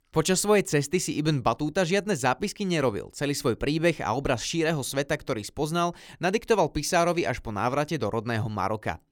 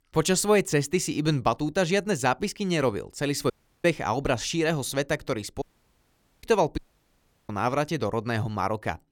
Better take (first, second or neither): first